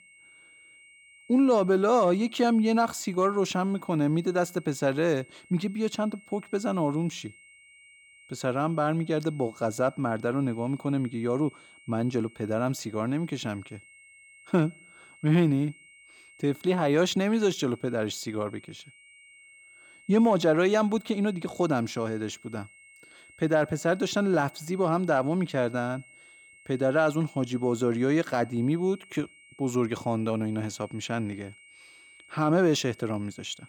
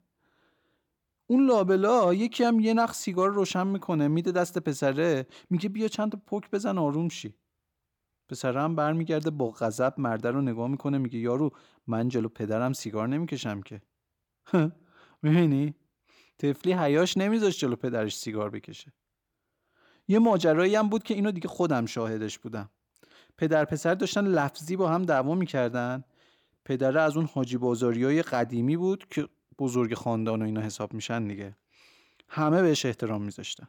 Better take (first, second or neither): second